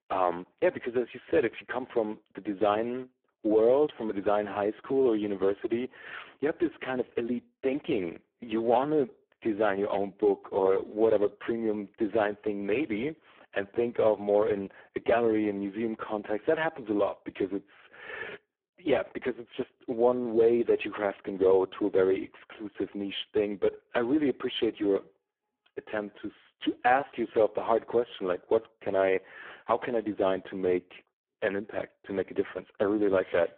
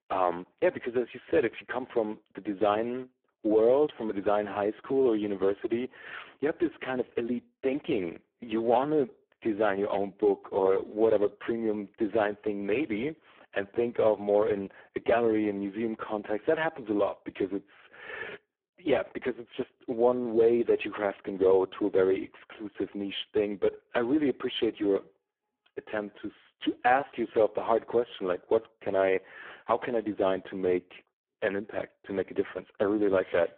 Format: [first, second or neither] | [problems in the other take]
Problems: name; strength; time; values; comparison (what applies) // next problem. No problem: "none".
neither | phone-call audio; poor line; the same in both